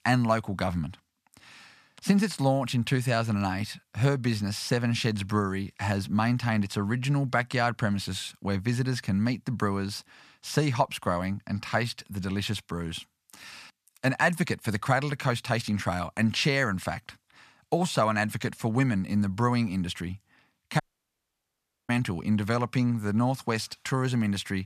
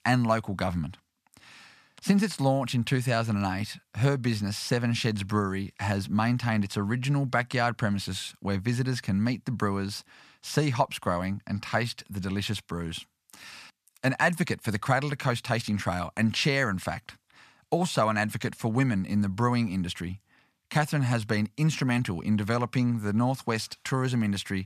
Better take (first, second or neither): second